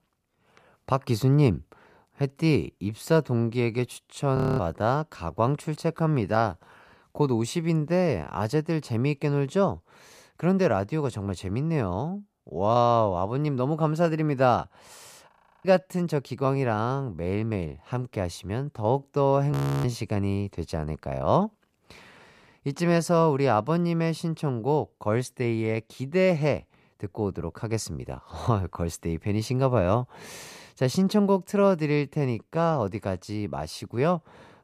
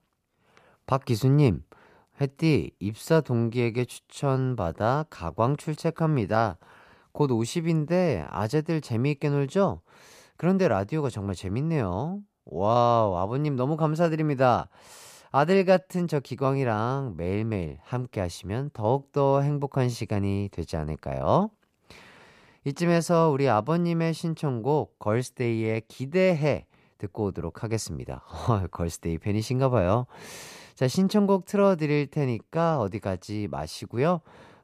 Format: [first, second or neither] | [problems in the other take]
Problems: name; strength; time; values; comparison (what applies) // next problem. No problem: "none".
second | audio freezing; at 4.5 s, at 15 s and at 20 s